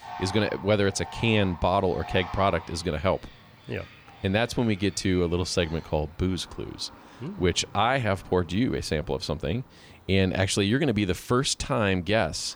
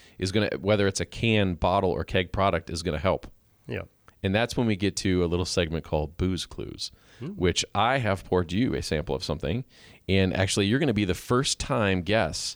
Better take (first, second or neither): second